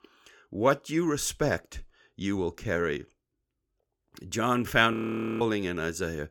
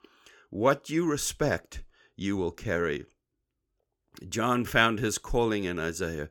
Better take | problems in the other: second | audio freezing; at 5 s

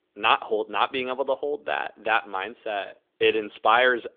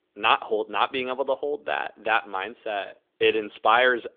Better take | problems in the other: neither | phone-call audio; nothing above 3.5 kHz; the same in both

